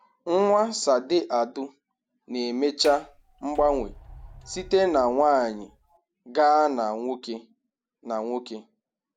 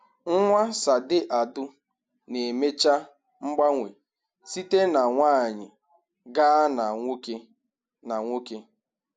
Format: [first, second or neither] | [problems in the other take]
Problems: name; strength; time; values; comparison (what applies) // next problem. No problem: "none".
second | background sound (Sliding door); 19 dB below the speech